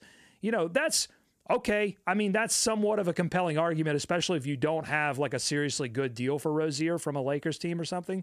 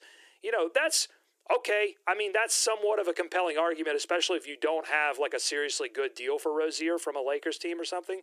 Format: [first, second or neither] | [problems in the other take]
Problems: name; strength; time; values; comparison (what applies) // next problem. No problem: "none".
first | thin; very; fading below 350 Hz